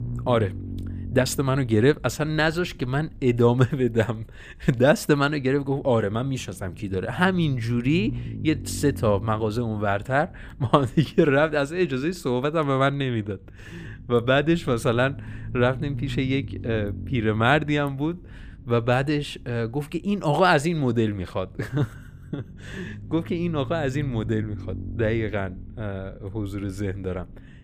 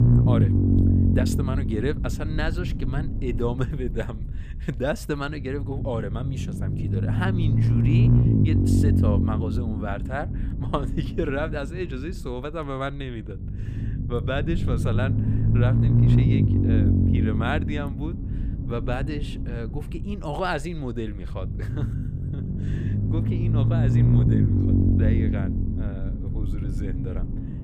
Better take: first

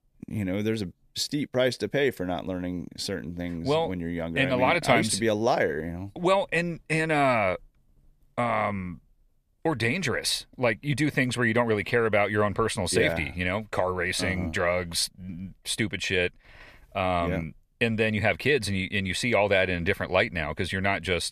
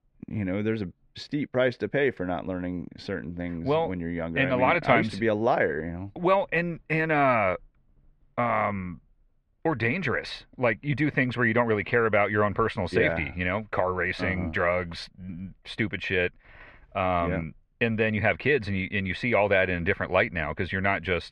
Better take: first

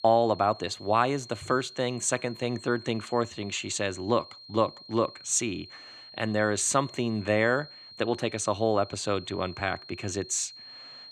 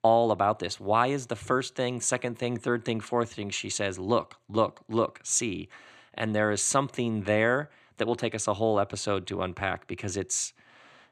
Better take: second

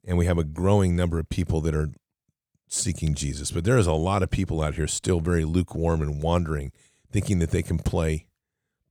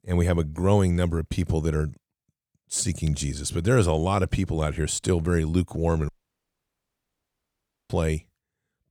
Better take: first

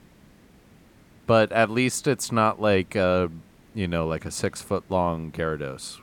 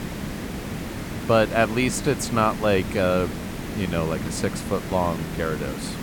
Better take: first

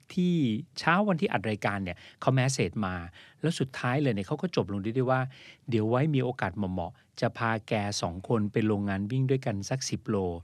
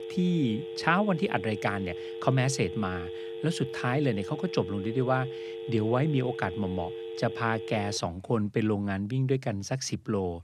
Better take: first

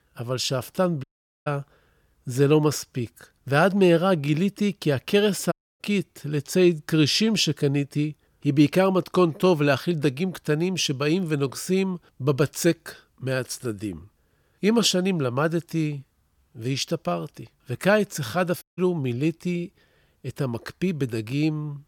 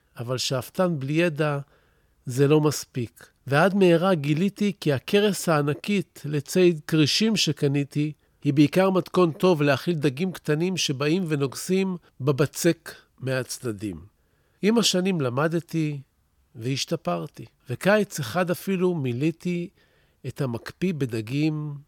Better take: second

